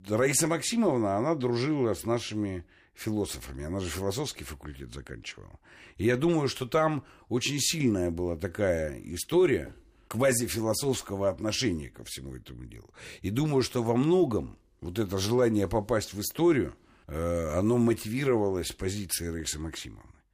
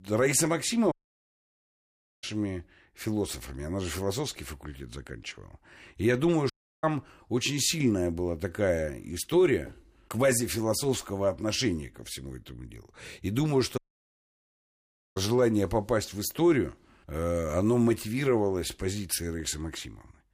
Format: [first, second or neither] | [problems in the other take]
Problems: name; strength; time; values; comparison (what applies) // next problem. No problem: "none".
first | audio cutting out; at 1 s for 1.5 s, at 6.5 s and at 14 s for 1.5 s